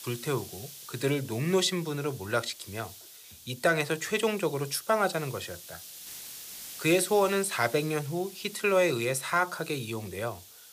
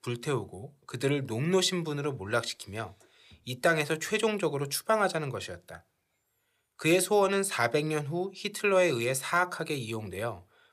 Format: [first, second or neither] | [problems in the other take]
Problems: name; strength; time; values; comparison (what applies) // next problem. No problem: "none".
second | hiss; noticeable; throughout; 15 dB below the speech